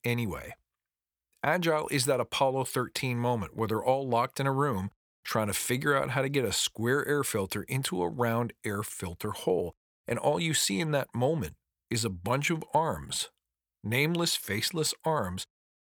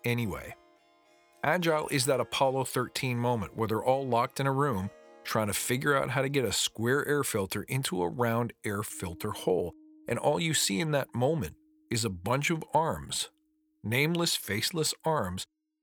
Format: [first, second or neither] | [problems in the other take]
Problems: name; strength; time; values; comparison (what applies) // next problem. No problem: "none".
first | background music; faint; throughout; 30 dB below the speech